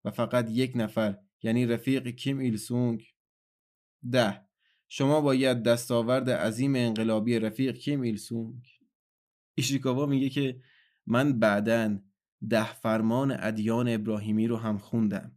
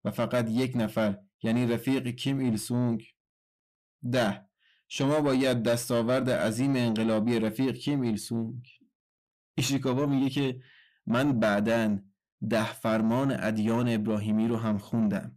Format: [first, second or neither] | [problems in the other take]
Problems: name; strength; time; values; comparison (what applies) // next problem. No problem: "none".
first | distortion; slight; 10 dB below the speech